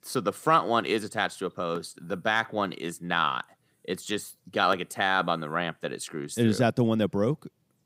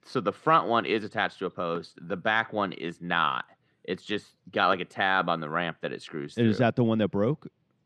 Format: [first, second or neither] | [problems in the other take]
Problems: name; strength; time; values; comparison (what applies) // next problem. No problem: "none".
first | muffled; very slightly; fading above 3 kHz